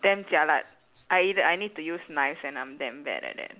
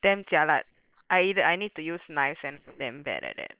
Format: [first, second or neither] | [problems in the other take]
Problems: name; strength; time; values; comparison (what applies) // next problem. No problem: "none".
first | noise reduction (neural separator model SepFormer WHAM!)